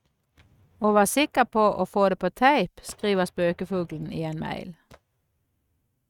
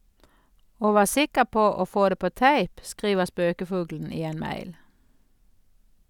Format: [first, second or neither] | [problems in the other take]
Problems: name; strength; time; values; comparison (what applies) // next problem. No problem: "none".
second | noise reduction (neural mask model RNNoise)